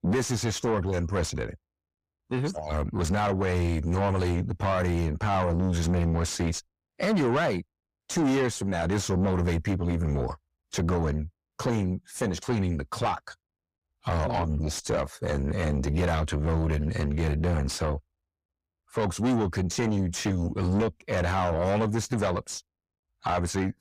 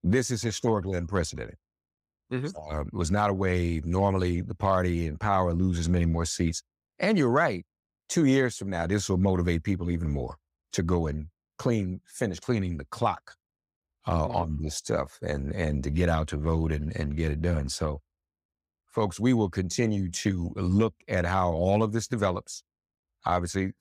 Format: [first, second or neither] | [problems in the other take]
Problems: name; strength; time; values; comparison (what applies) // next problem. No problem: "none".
second | distortion; heavy; 7 dB below the speech